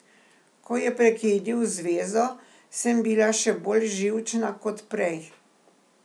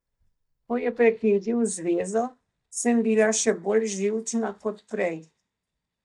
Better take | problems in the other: first | noise reduction (neural mask model DeepFilterNet 3)

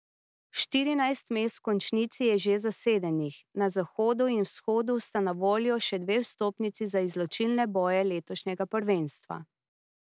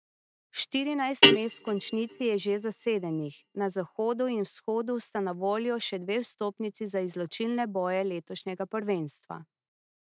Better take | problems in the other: first | noise reduction (neural mask model RNNoise)

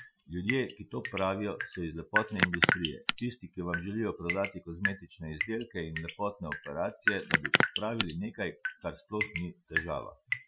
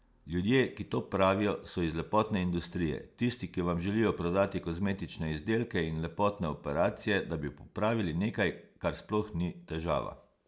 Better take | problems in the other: second | noise reduction (classical method Wiener filter)

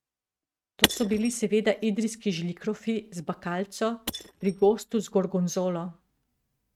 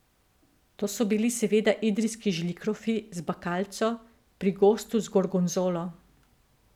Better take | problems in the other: second | noise reduction (neural mask model RNNoise)

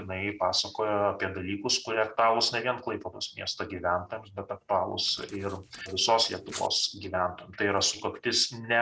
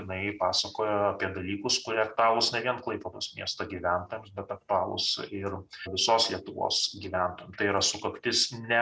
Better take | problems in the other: second | noise reduction (neural separator model SepFormer DNS4)

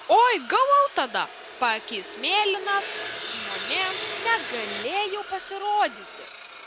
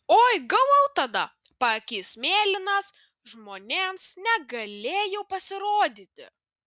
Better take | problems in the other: second | background sound (Sawing); 11 dB below the speech

